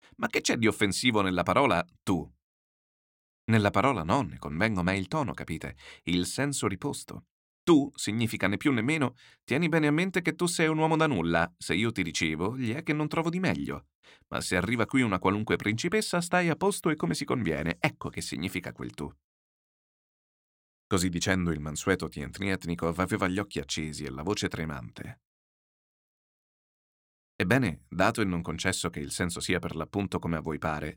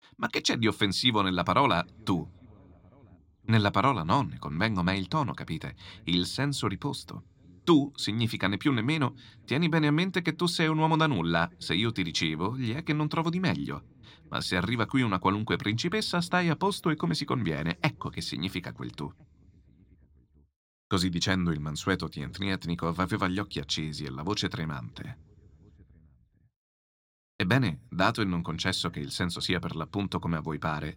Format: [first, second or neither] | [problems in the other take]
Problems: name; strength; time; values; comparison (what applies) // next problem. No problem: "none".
first | room echo; slight; dies away in 3 s